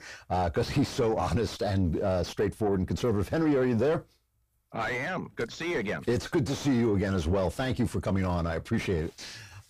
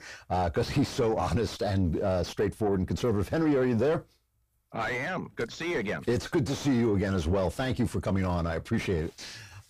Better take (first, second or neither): neither